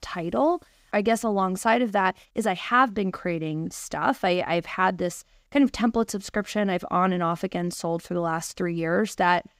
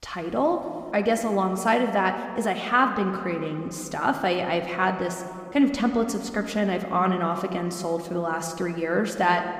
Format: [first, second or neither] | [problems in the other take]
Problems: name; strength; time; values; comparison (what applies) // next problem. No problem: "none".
first | room echo; slight; dies away in 1.6 s